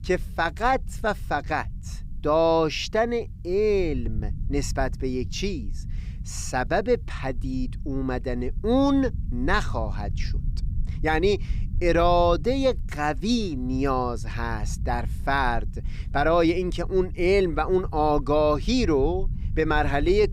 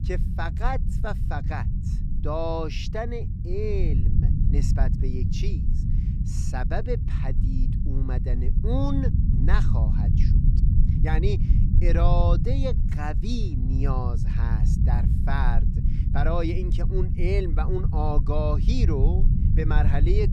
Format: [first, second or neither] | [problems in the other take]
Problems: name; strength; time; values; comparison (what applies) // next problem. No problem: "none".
first | low rumble; loud; throughout; 7 dB below the speech; faint in the first